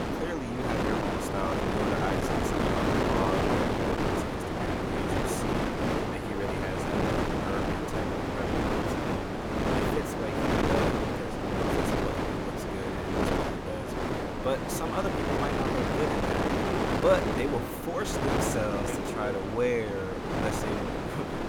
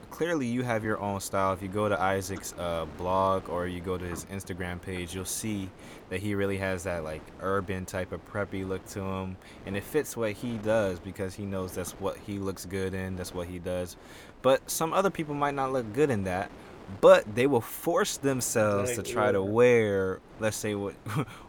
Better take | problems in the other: second | wind noise on the microphone; heavy; 5 dB above the speech; occasional gusts in the second

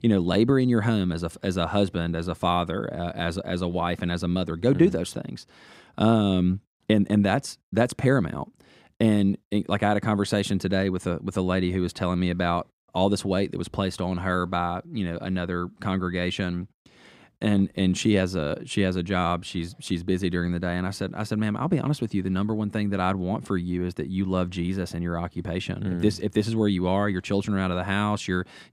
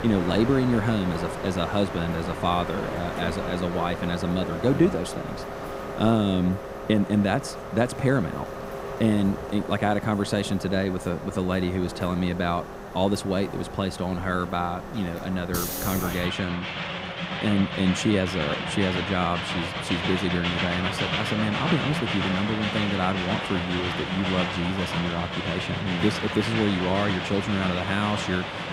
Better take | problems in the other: first | train or aircraft noise; loud; throughout; 4 dB below the speech

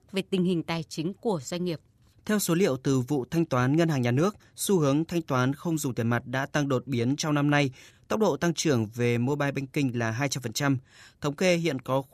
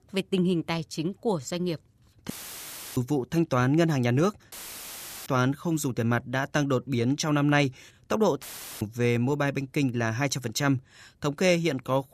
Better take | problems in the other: first | audio cutting out; filled with static; at 2.5 s for 0.5 s, at 4.5 s for 0.5 s and at 8.5 s

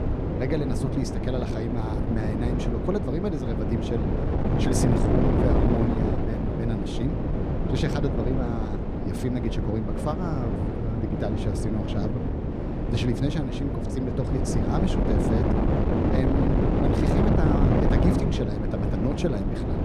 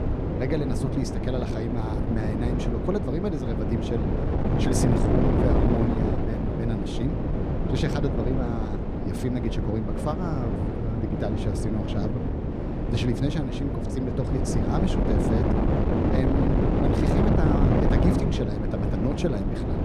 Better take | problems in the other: neither | wind noise on the microphone; heavy; 3 dB above the speech; the same in both

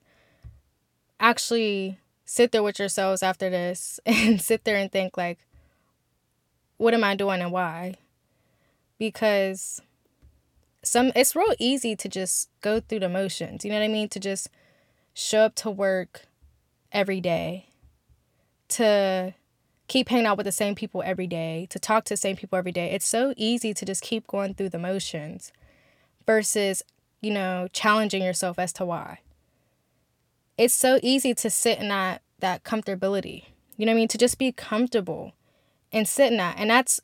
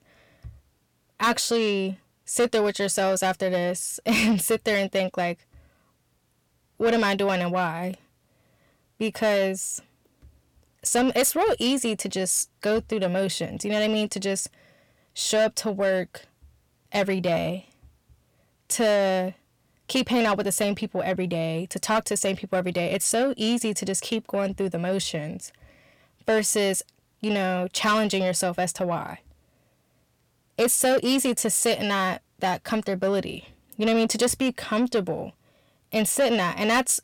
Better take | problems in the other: first | distortion; slight; 10 dB below the speech

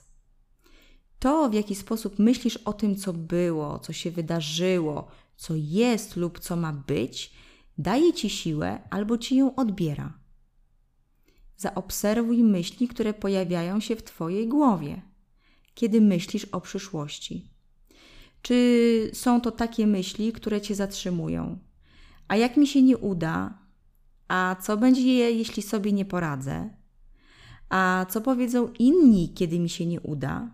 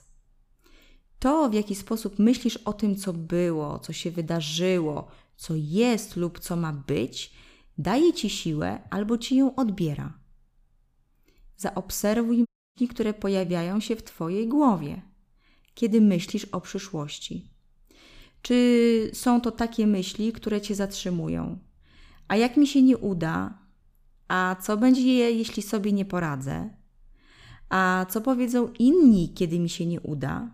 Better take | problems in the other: first | audio cutting out; at 12 s

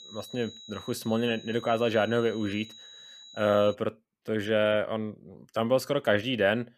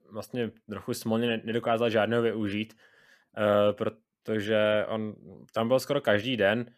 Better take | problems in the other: second | high-pitched whine; noticeable; until 3.5 s; 4 kHz, 20 dB below the speech

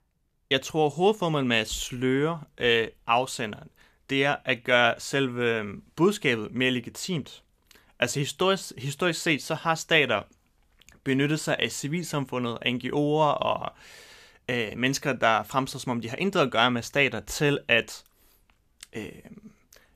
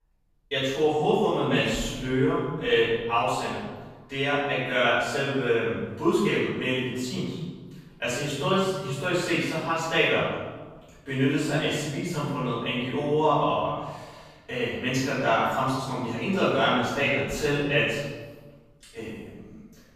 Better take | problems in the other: first | off-mic speech; far // room echo; strong; dies away in 1.3 s

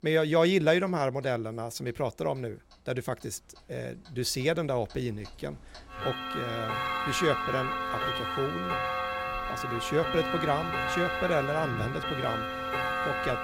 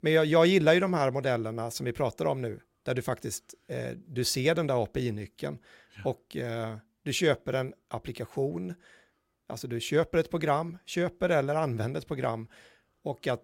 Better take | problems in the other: second | household noises; loud; throughout; 1 dB below the speech

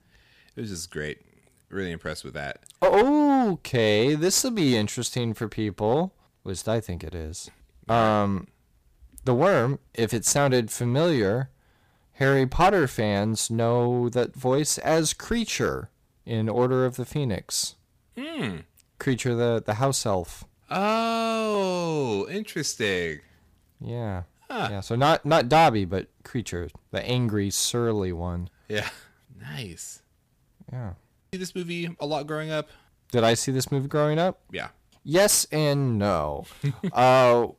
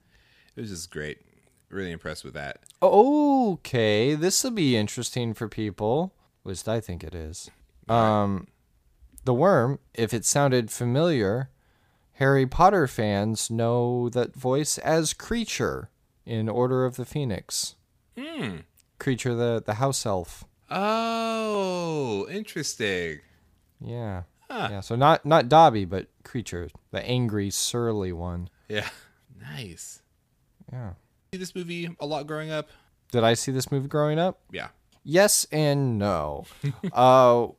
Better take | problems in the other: second | distortion; slight; 4% of the sound clipped

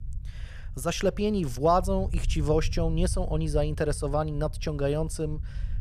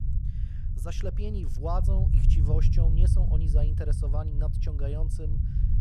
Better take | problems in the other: first | low rumble; loud; throughout; 3 dB below the speech; faint in the first

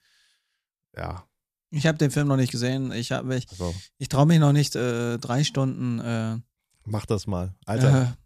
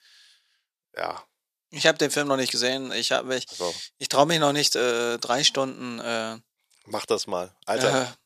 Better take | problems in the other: first | thin; very; fading below 500 Hz

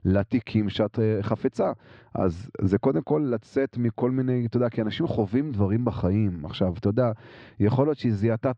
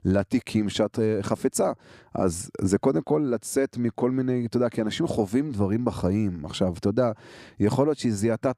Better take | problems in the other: second | muffled; slightly; fading above 4 kHz

